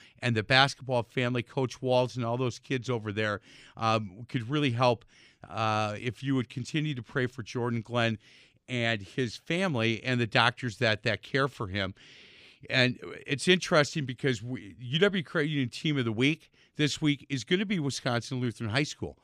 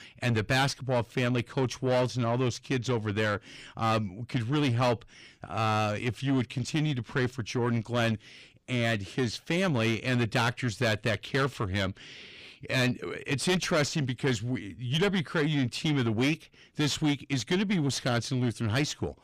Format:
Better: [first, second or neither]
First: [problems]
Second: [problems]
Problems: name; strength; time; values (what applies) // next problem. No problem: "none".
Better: first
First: none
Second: distortion; heavy; 7 dB below the speech